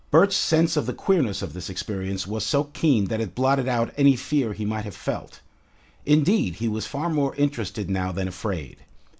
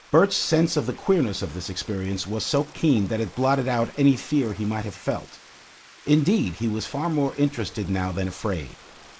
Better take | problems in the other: first | noise reduction (neural mask model Resemble Enhance denoiser)

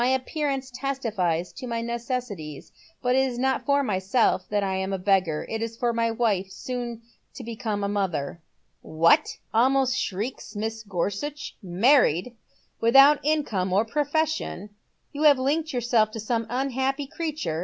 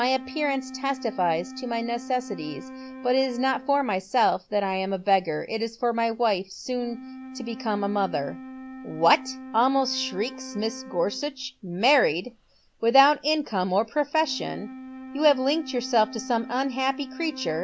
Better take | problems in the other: first | background sound (Wind instrument, woodwind instrument); 15 dB below the speech

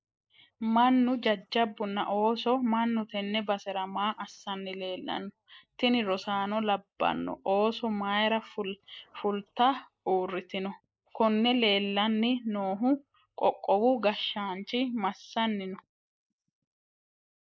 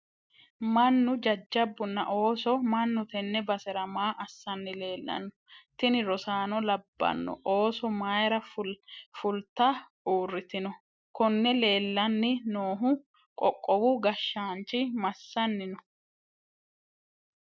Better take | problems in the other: second | noise reduction (neural mask model Resemble Enhance denoiser)

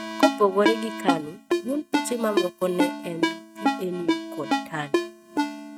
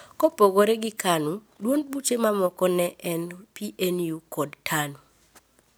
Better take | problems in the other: second | noise reduction (neural mask model RNNoise)

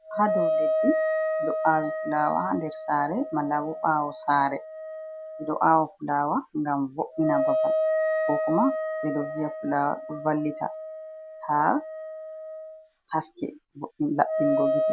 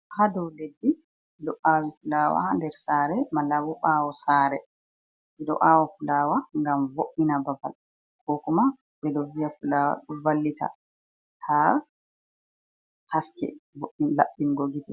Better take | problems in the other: second | background sound (Wind instrument, woodwind instrument); 2 dB below the speech

